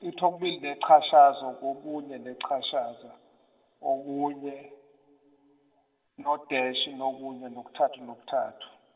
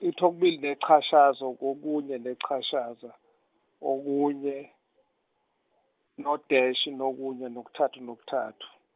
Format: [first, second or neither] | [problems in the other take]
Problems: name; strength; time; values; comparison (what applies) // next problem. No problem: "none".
second | room echo; dies away in 2.4 s